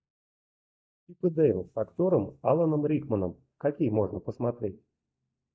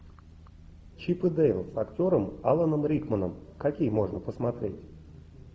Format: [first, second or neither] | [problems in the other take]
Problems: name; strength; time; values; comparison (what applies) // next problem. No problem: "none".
second | noise reduction (neural mask model DeepFilterNet 3)